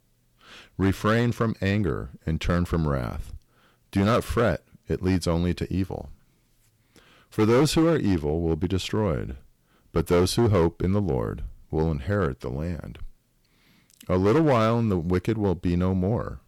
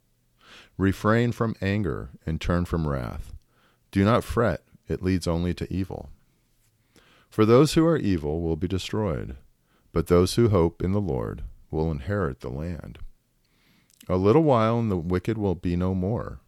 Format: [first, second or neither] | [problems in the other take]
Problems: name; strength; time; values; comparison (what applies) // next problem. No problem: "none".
second | distortion; slight; 5% of the sound clipped